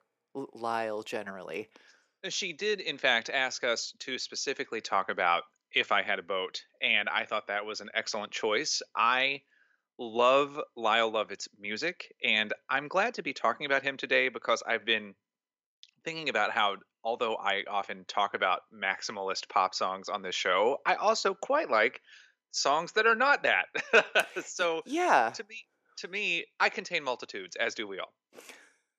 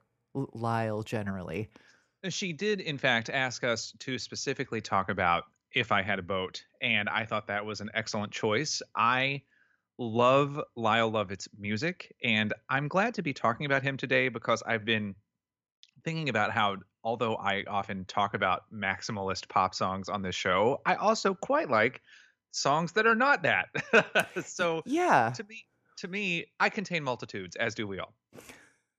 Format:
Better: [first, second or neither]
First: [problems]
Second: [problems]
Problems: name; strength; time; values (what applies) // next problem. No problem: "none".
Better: second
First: thin; somewhat; fading below 400 Hz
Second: none